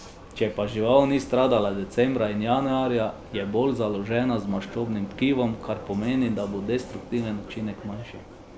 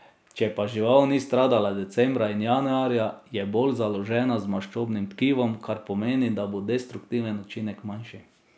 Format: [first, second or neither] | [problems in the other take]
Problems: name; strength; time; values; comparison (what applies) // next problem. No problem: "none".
second | background sound (Vehicle); 16 dB below the speech